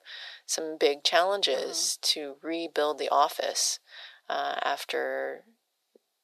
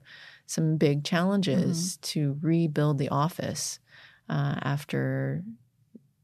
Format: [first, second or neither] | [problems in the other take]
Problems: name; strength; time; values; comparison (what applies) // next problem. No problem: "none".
second | thin; very; fading below 400 Hz